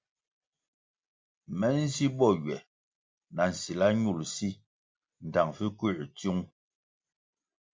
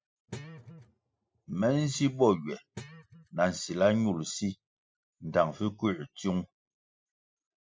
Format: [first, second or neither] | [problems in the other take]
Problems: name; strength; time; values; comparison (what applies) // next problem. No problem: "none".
first | noise reduction (classical method spectral subtraction)